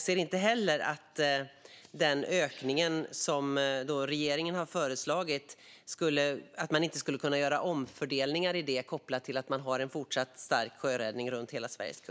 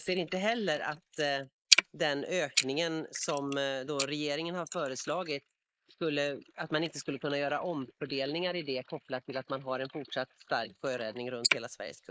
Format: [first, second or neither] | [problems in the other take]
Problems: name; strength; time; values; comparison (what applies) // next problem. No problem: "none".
first | noise reduction (neural mask model Resemble Enhance denoiser)